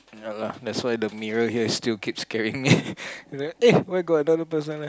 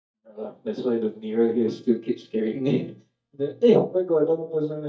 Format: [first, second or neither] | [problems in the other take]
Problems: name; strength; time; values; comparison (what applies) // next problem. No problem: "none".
first | noise reduction (neural mask model DeepFilterNet 3)